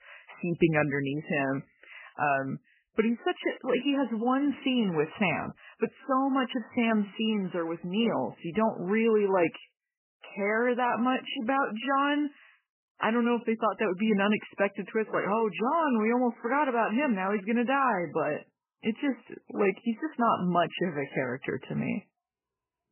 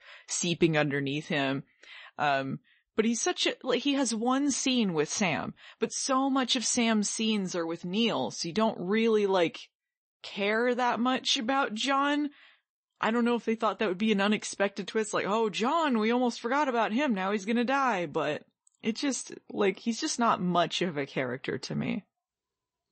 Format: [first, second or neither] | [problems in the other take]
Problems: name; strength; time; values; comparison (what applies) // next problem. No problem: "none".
second | garbled, watery; badly; nothing above 3 kHz; slightly in the second